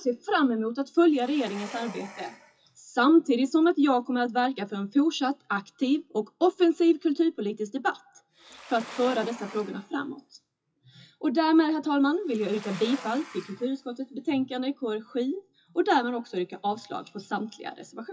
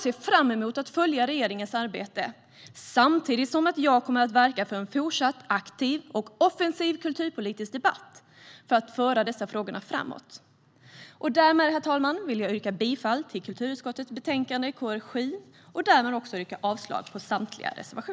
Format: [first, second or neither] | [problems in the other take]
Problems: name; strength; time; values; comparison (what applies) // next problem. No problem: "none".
second | noise reduction (classical method WPE with log-MMSE)